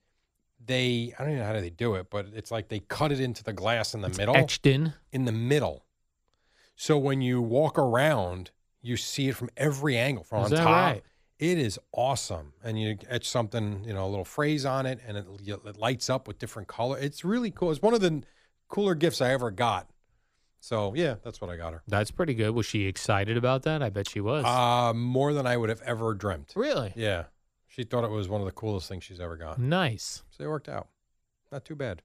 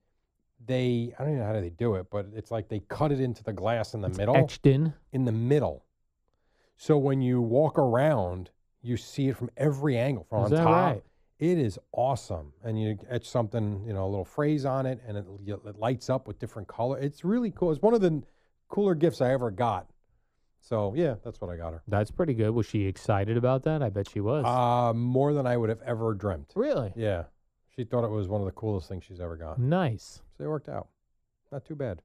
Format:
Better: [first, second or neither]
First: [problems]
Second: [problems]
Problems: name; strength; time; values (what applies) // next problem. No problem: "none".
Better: first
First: none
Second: muffled; slightly; fading above 1.5 kHz